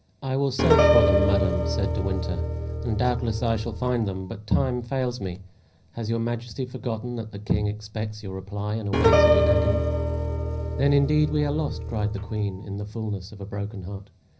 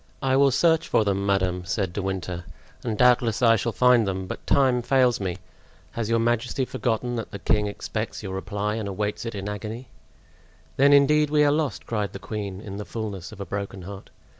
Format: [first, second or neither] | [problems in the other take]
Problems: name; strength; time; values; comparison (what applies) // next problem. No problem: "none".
second | background sound (Piano); 3 dB above the speech // room echo; dies away in 0.5 s